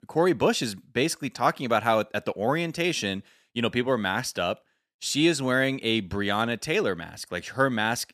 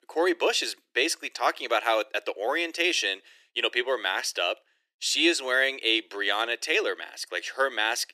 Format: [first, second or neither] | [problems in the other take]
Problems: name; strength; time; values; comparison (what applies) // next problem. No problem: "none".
first | thin; very; fading below 350 Hz